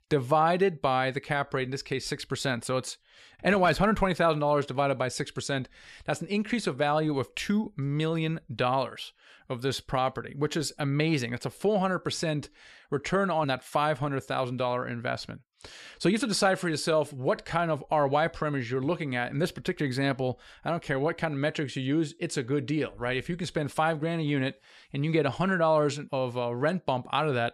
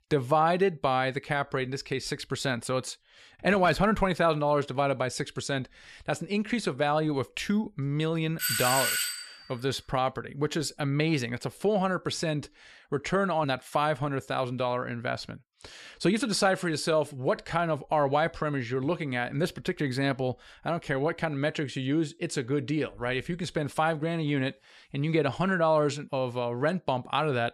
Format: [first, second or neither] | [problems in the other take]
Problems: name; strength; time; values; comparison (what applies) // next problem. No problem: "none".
first | doorbell; loud; at 8.5 s; peak 3 dB above the speech